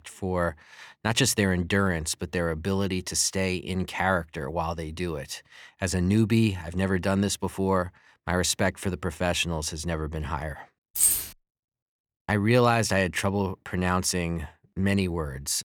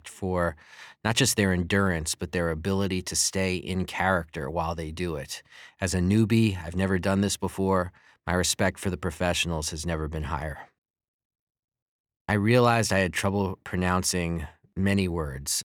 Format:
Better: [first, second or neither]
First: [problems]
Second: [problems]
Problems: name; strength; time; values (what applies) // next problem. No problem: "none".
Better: second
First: jangling keys; loud; at 11 s; peak 5 dB above the speech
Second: none